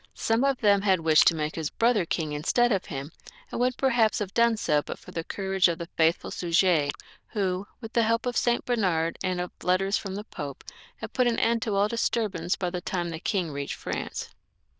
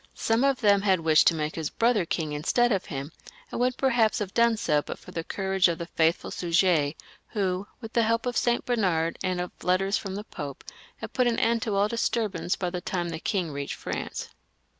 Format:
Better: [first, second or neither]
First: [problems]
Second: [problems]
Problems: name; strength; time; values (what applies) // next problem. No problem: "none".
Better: second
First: noise reduction (neural diffusion model UNIVERSE++)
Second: none